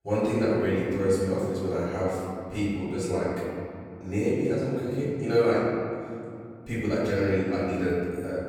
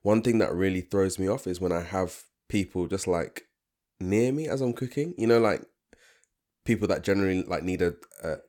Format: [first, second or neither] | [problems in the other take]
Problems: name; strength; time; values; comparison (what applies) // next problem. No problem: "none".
second | off-mic speech; far // room echo; strong; dies away in 2.5 s